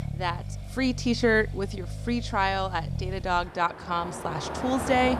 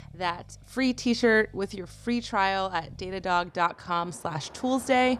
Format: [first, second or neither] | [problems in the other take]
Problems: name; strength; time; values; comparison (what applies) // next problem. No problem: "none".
second | traffic noise; loud; throughout; 8 dB below the speech; faint in the second